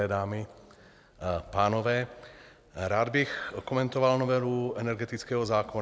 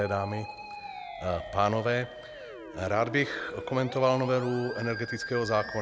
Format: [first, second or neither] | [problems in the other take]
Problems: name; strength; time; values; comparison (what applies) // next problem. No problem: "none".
first | background sound (Musical instrument); 11 dB below the speech